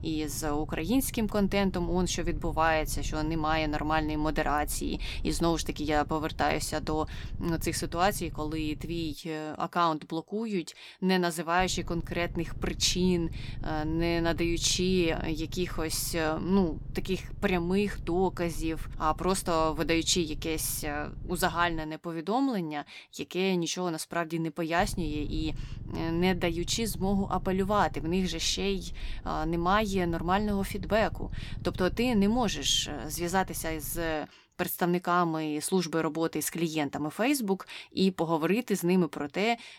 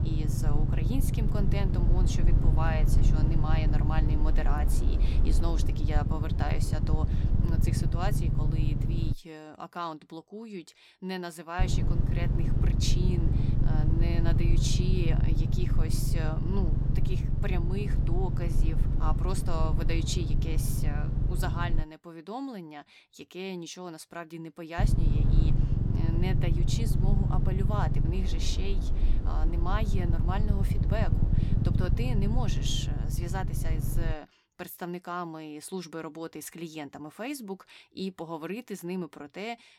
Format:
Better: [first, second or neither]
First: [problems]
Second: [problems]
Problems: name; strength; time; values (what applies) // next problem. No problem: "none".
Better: first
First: low rumble; faint; until 9 s, from 12 to 22 s and from 25 to 34 s; 25 dB below the speech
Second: low rumble; loud; until 9 s, from 12 to 22 s and from 25 to 34 s; 3 dB below the speech